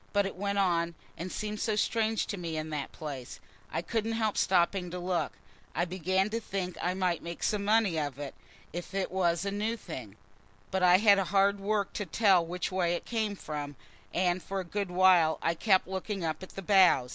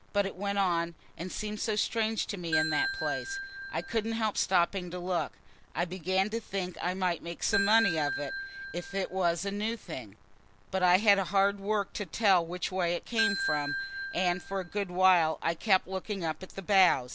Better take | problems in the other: first | background sound (Ringtone / Bell); 4 dB below the speech

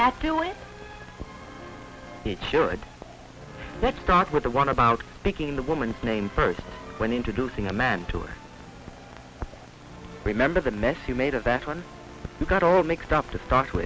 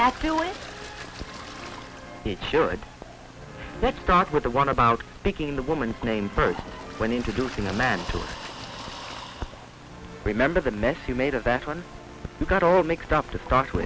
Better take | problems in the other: first | background sound (Toilet flush + Breathing); 17 dB below the speech

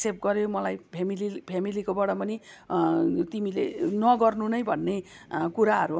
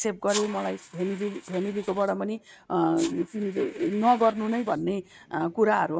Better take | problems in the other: first | noise reduction (neural mask model RNNoise)

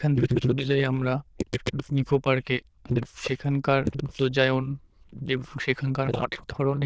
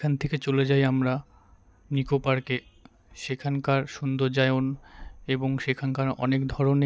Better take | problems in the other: second | noise reduction (neural diffusion model UNIVERSE++)

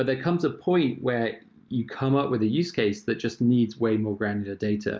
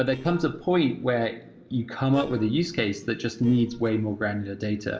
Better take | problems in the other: first | noise reduction (neural separator model SepFormer DNS4)

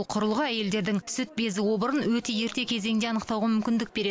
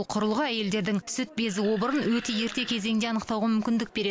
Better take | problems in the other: first | background sound (Animal); 16 dB below the speech

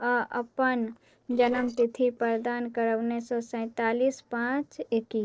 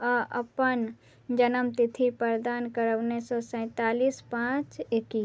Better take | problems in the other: second | noise reduction (neural separator model SepFormer DNS4)

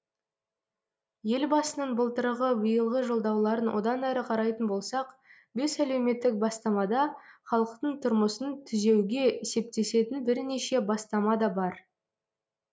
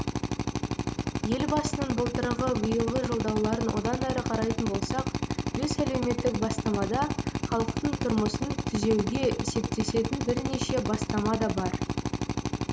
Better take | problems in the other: first | background sound (Drill); as loud as the speech

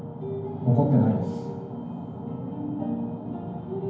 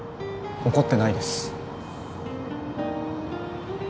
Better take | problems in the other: second | room echo; dies away in 0.9 s

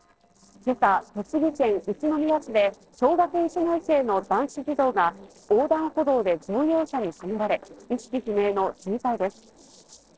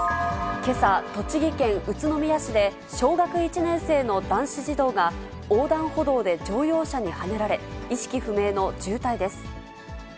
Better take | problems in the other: second | noise reduction (neural separator model SepFormer DNS4)

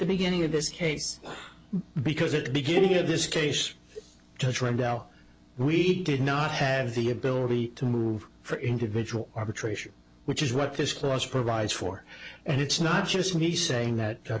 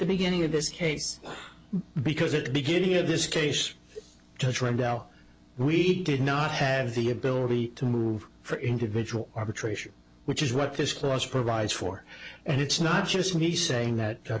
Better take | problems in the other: second | background sound (Bowed string instrument); 3 dB below the speech

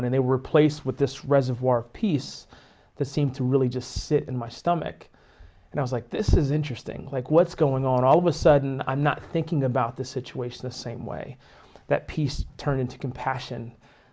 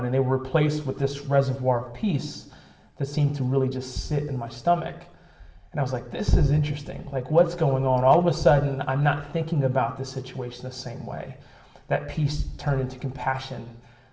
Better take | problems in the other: first | room echo; dies away in 0.8 s

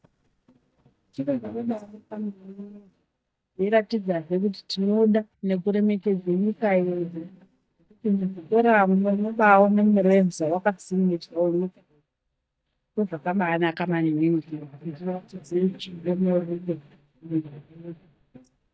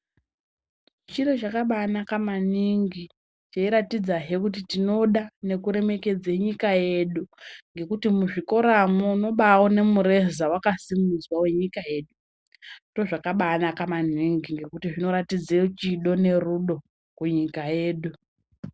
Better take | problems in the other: second | noise reduction (neural mask model DeepFilterNet 3)

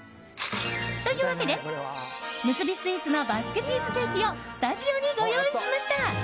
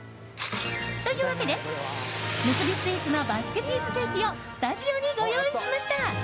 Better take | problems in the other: first | background sound (Motorcycle); 8 dB below the speech

